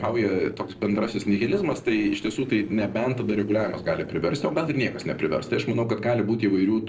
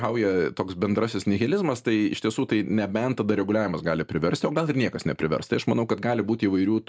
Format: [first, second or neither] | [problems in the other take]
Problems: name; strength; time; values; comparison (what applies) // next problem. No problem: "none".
second | noise reduction (neural separator model SepFormer DNS4)